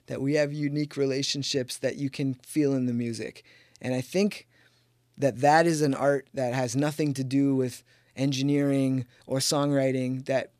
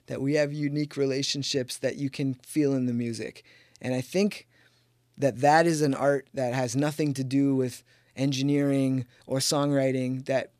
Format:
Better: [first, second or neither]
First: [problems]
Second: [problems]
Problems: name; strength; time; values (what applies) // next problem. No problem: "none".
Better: neither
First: none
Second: none